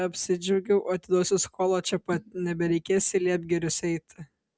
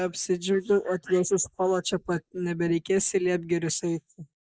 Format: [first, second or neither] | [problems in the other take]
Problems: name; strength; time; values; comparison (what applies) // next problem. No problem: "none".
first | noise reduction (neural mask model Resemble Enhance denoiser)